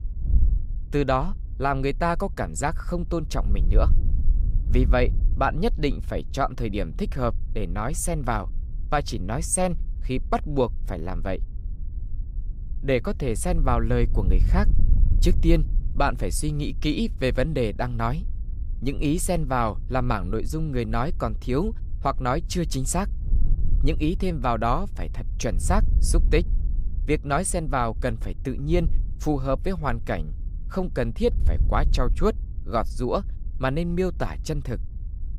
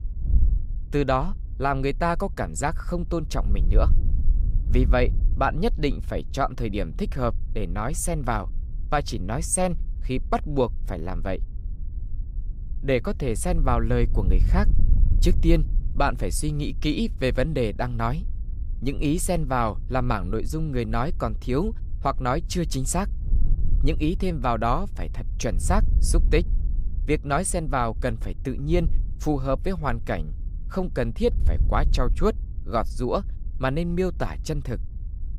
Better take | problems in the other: neither | wind noise on the microphone; occasional gusts; 20 dB below the speech; the same in both

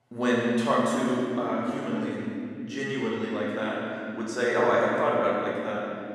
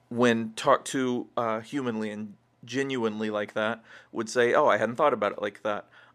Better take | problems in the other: second | room echo; strong; dies away in 2.5 s // off-mic speech; far

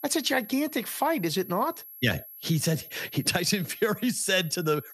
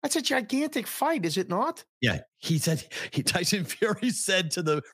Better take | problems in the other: second | high-pitched whine; noticeable; throughout; 11.5 kHz, 15 dB below the speech

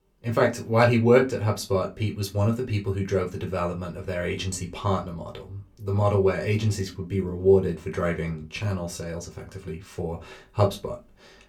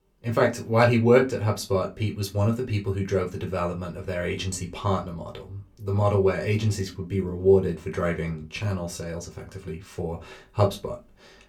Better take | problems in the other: neither | off-mic speech; somewhat distant; the same in both // room echo; very slight; dies away in 0.2 s; the same in both

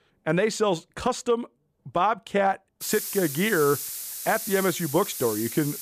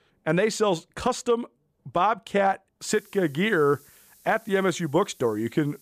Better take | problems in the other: second | hiss; loud; from 3 s on; 6 dB below the speech; faint in the second

